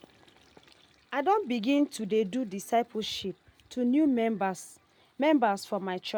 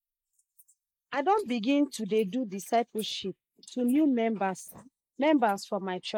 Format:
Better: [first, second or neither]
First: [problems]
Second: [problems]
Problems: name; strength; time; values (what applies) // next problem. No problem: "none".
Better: first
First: none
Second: noise reduction (neural mask model Resemble Enhance denoiser)